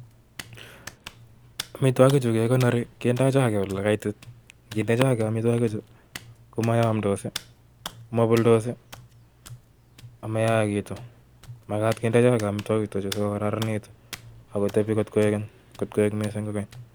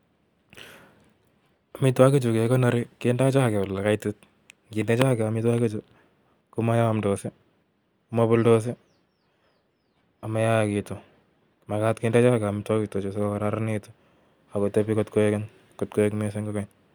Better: second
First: background sound (Hands); 19 dB below the speech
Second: none

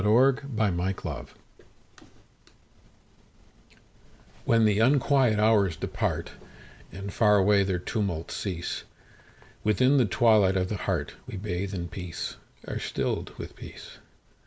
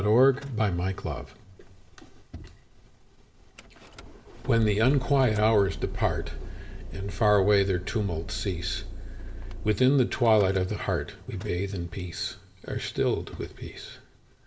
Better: first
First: none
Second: background sound (Idling / Engine starting / Door / Car); 11 dB below the speech // room echo; dies away in 0.7 s

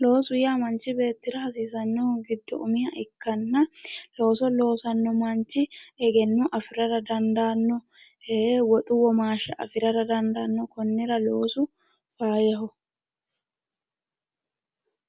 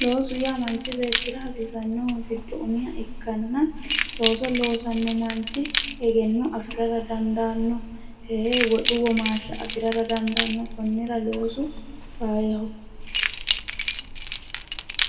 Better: first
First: none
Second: background sound (Keys jangling); 5 dB below the speech // room echo; dies away in 1.8 s

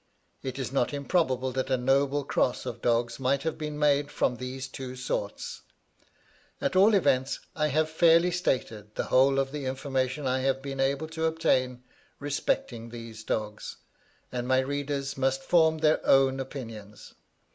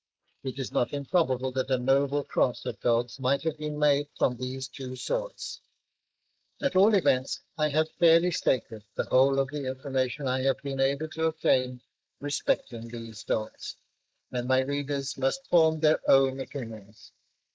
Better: first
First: none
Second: noise reduction (neural mask model Resemble Enhance denoiser)

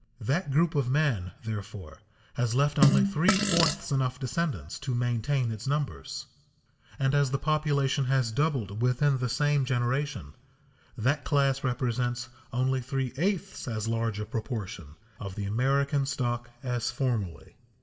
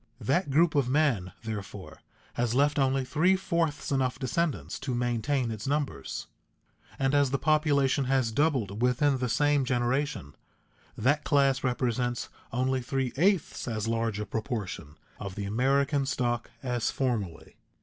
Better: second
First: background sound (Fart); 2 dB above the speech // room echo; dies away in 0.7 s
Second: none

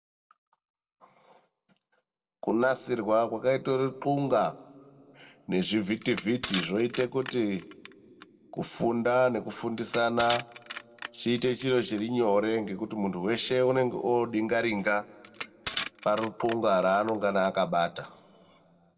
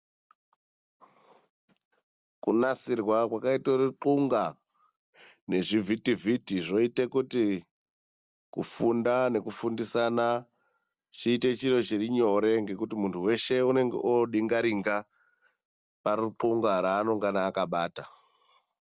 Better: second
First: background sound (Crushing); 13 dB below the speech // room echo; dies away in 1.5 s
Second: none

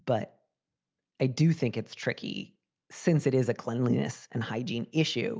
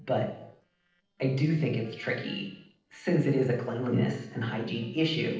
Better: first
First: none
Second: noise reduction (neural separator model SepFormer DNS4)

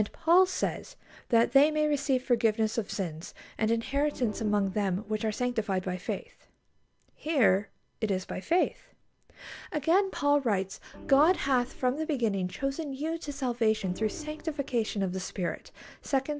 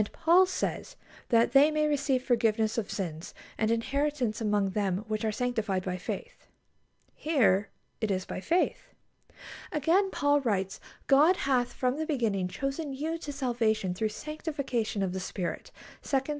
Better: second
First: background sound (Organ); 18 dB below the speech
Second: none

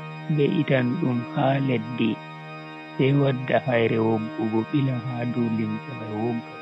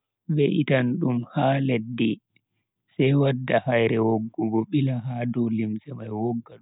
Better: second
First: background sound (Organ); 12 dB below the speech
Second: none

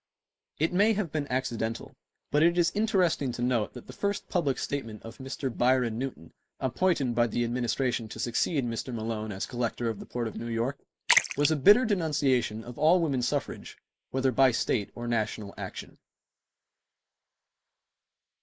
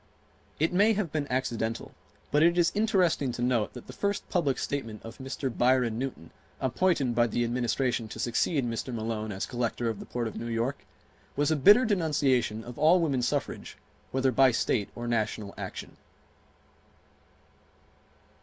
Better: second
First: noise reduction (neural mask model Resemble Enhance denoiser)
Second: none

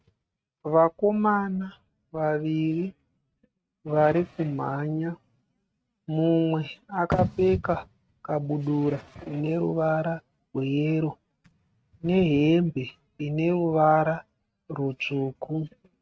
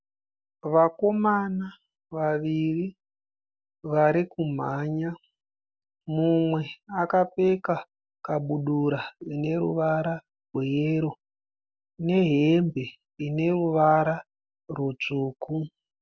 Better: second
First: noise reduction (neural mask model RNNoise)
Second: none

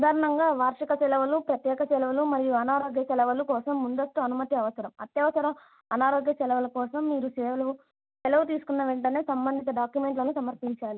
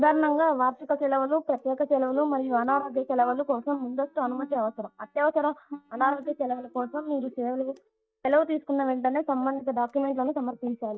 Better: first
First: none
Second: noise reduction (neural mask model DeepFilterNet 3)

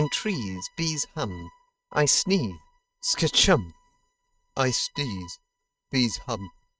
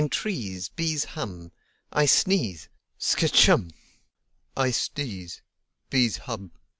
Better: second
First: noise reduction (neural mask model RNNoise)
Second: none

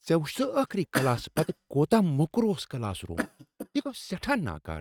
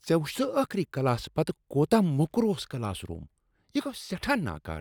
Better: second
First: noise reduction (neural mask model RNNoise)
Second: none

